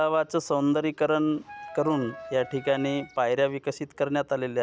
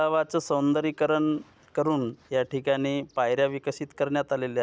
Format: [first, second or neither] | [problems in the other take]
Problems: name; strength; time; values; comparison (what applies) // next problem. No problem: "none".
second | background sound (Wind instrument, woodwind instrument); 15 dB below the speech